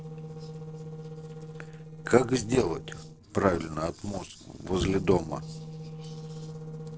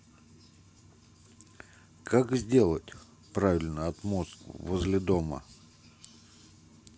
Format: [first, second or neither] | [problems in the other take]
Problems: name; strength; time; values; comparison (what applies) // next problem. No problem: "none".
second | noise reduction (neural separator model SepFormer DNS4)